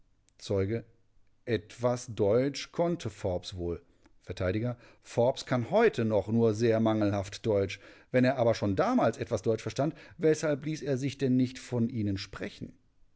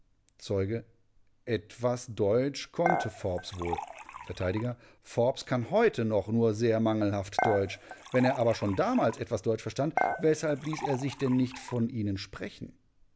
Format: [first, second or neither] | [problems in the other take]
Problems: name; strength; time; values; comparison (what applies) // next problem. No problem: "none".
first | background sound (Dishes, pots, and pans / Chink, clink); 6 dB below the speech